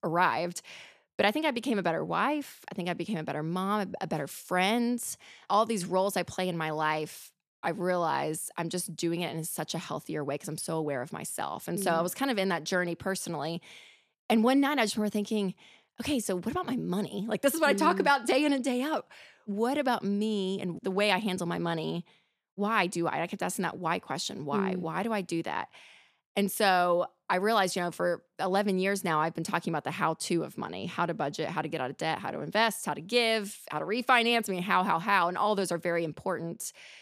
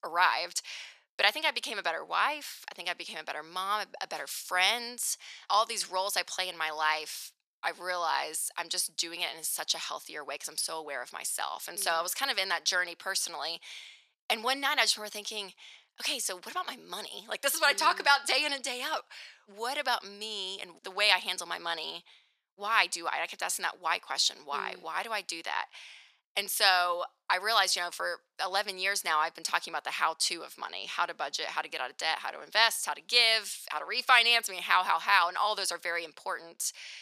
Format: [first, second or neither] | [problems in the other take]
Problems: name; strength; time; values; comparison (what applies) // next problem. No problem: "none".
first | thin; very; fading below 950 Hz